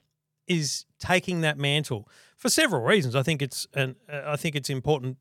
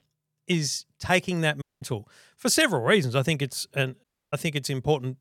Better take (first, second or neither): first